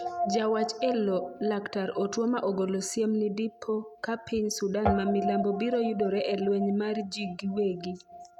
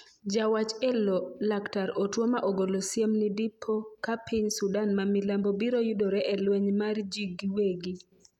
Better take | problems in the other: second | background sound (Guitar); 8 dB below the speech

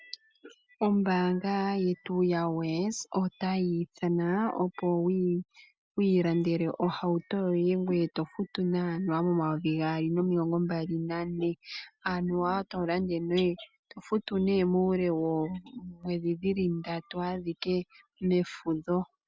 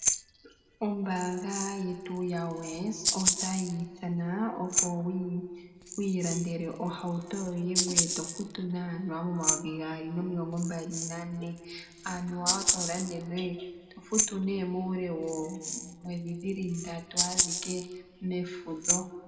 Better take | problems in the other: first | background sound (Rattle (instrument)); as loud as the speech // room echo; dies away in 1.5 s

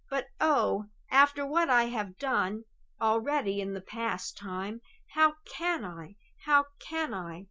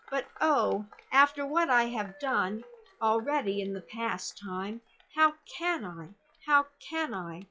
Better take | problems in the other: first | noise reduction (classical method log-MMSE)

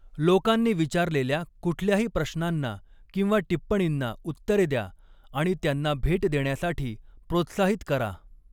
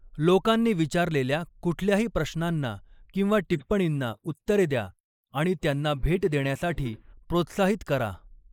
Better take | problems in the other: first | noise reduction (neural mask model Resemble Enhance denoiser)

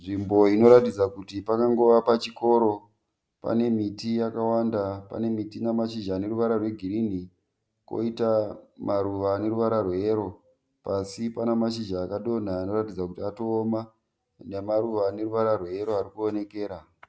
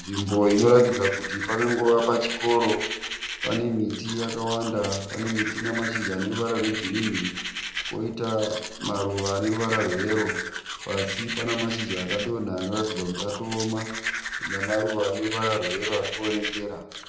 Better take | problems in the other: first | background sound (Domestic sounds, home sounds); 7 dB below the speech // room echo; dies away in 0.7 s

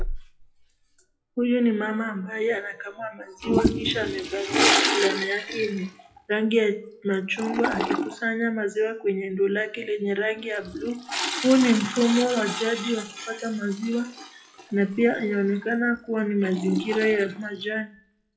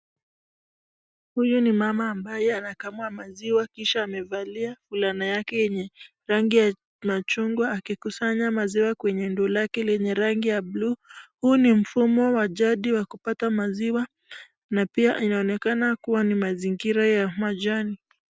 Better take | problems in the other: second | noise reduction (classical method WPE with log-MMSE)

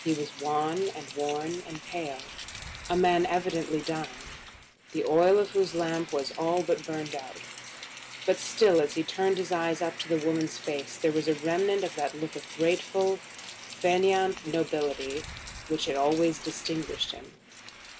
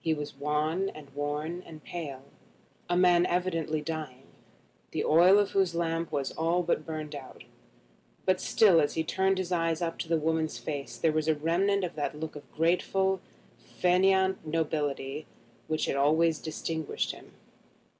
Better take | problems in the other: second | background sound (Rain); 14 dB below the speech

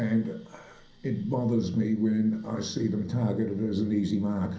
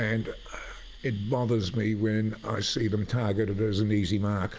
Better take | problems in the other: second | room echo; dies away in 0.6 s

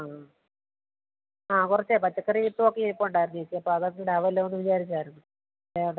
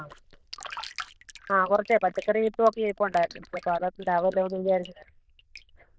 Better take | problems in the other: first | noise reduction (neural diffusion model UNIVERSE++)

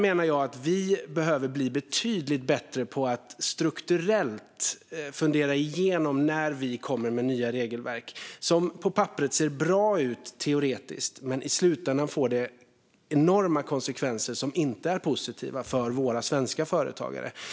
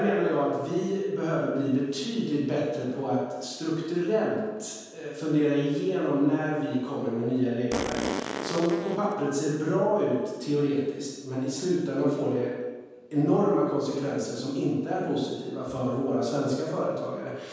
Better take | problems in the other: first | background sound (Fart); 5 dB below the speech // room echo; dies away in 1.2 s

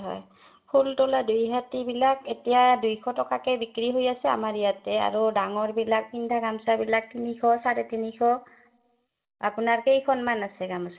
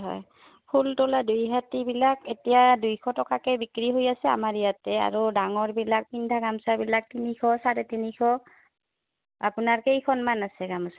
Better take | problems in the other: second | room echo; dies away in 0.4 s

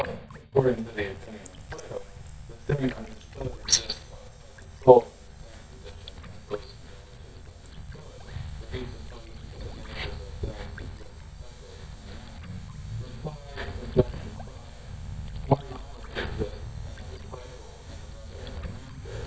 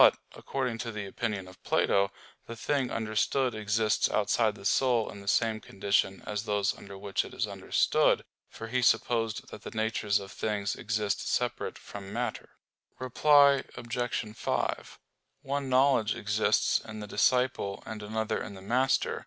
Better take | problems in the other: second | noise reduction (neural mask model DeepFilterNet 3)

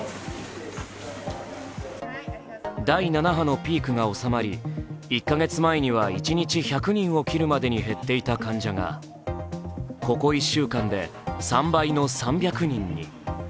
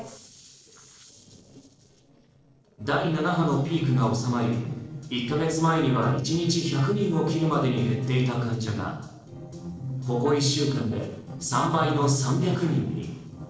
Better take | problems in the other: first | noise reduction (neural separator model SepFormer DNS4)

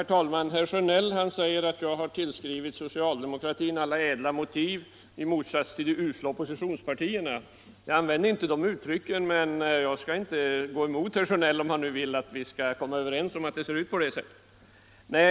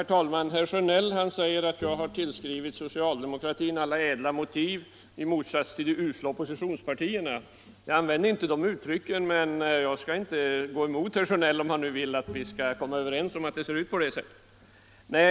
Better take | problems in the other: first | background sound (Bowed string instrument); 20 dB below the speech

